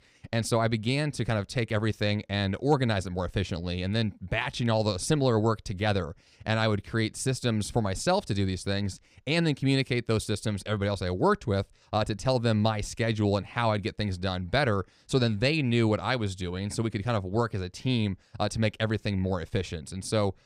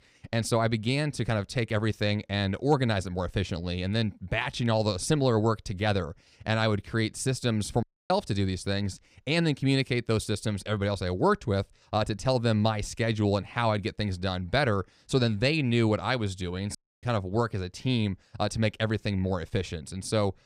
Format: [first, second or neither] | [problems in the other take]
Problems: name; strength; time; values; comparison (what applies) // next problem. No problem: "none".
first | audio cutting out; at 8 s and at 17 s